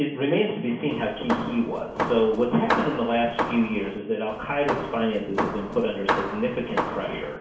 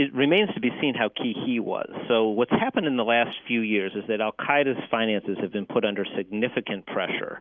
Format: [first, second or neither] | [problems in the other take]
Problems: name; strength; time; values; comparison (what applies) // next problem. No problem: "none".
second | background sound (Hammer); 5 dB below the speech // room echo; dies away in 0.6 s